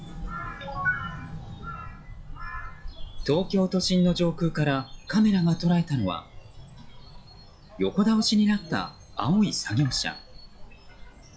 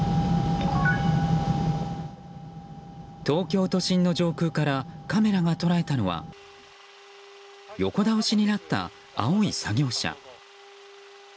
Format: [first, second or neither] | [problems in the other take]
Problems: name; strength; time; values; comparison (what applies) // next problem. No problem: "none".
second | noise reduction (classical method log-MMSE)